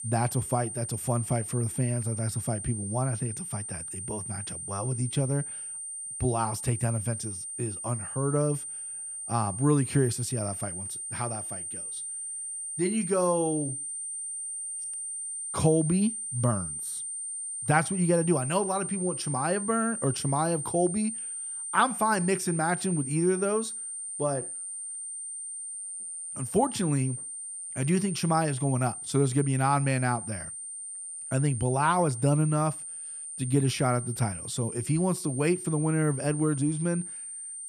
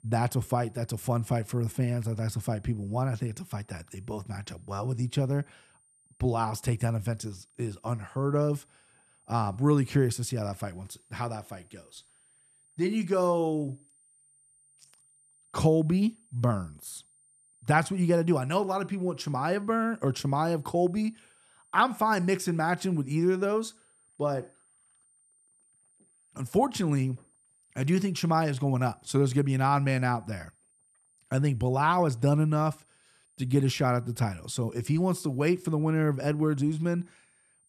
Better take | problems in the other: second | high-pitched whine; loud; throughout; 9 kHz, 6 dB below the speech; faint in the second

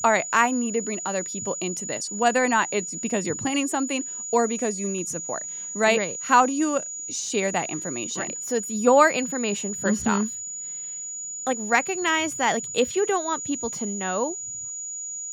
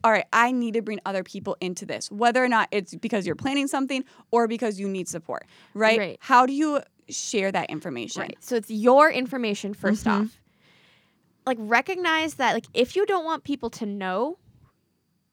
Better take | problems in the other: second | high-pitched whine; loud; throughout; 7 kHz, 6 dB below the speech

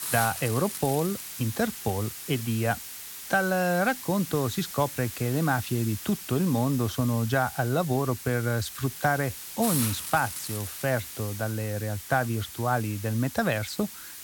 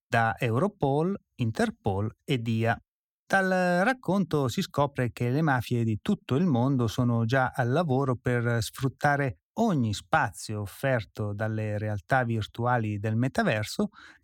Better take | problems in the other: second | hiss; loud; throughout; 8 dB below the speech

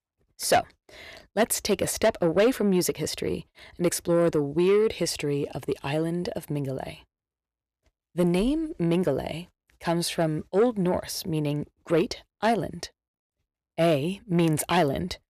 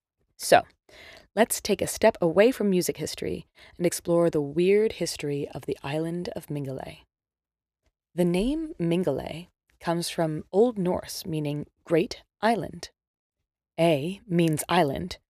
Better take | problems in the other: second | distortion; slight; 10 dB below the speech

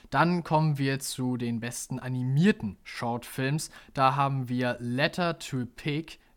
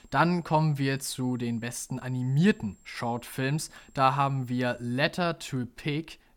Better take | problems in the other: first | high-pitched whine; faint; until 5 s; 7.5 kHz, 35 dB below the speech

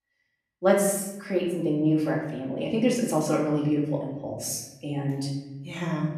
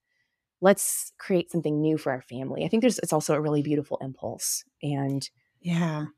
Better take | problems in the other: second | room echo; noticeable; dies away in 0.9 s // off-mic speech; far

